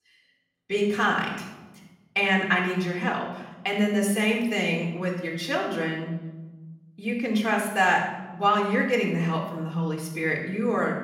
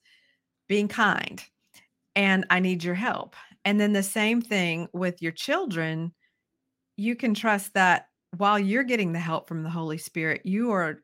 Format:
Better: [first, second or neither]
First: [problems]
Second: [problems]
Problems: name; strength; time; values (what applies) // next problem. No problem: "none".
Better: second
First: room echo; noticeable; dies away in 0.9 s // off-mic speech; somewhat distant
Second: none